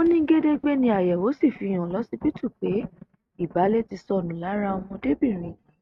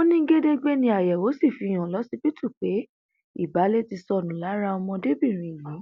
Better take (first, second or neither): second